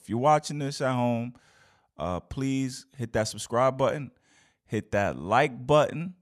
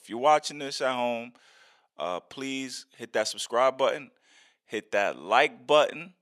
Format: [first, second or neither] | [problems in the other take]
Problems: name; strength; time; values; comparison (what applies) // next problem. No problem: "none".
first | thin; somewhat; fading below 400 Hz